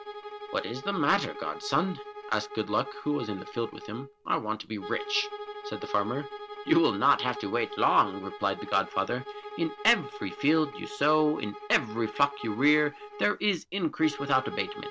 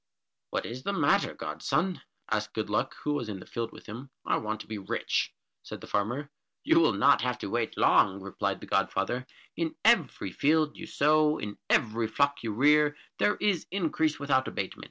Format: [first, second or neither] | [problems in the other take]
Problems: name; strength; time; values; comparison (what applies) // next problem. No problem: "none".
second | background sound (Bowed string instrument); 12 dB below the speech